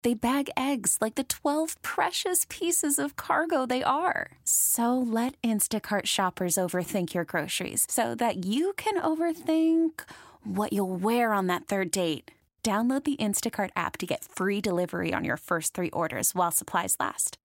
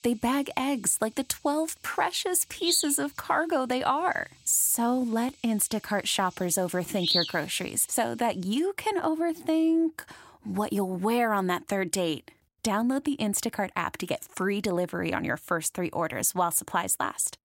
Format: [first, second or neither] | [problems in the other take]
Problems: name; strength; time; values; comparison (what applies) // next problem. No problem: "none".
first | animal sounds; loud; until 8.5 s; 1 dB below the speech